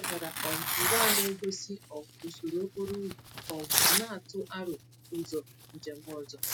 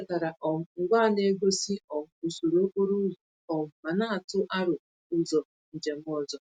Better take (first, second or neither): second